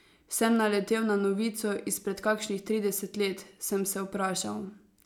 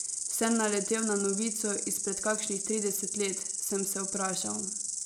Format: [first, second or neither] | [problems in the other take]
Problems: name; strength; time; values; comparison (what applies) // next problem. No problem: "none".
first | background sound (Insect); 2 dB below the speech